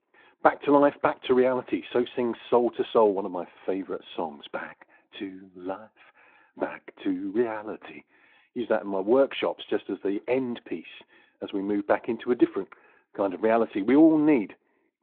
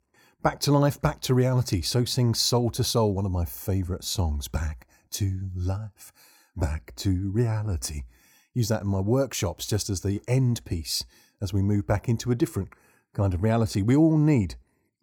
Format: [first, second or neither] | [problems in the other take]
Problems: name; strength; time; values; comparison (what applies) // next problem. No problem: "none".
second | phone-call audio; nothing above 3.5 kHz